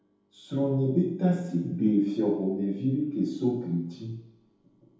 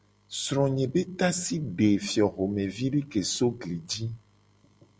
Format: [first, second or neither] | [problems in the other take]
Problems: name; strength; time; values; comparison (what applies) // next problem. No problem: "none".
second | room echo; dies away in 0.8 s